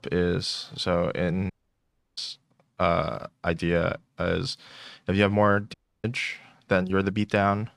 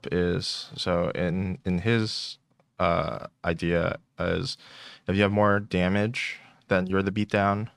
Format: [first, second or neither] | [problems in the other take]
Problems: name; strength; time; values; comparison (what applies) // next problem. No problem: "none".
second | audio cutting out; at 1.5 s for 0.5 s and at 5.5 s